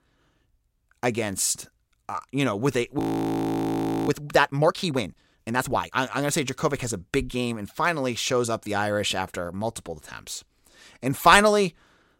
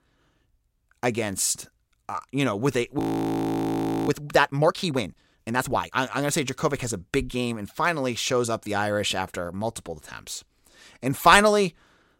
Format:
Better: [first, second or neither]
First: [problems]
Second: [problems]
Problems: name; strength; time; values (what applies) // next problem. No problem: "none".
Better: neither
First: audio freezing; at 3 s for 1 s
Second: audio freezing; at 3 s for 1 s